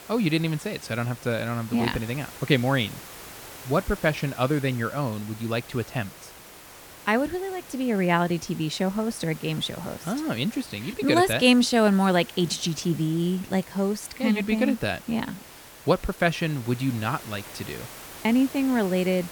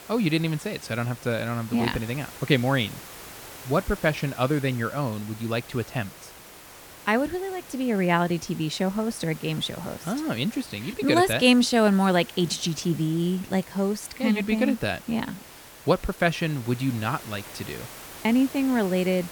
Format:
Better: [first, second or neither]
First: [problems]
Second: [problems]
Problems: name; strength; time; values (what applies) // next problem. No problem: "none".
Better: neither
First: hiss; noticeable; throughout; 15 dB below the speech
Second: hiss; noticeable; throughout; 15 dB below the speech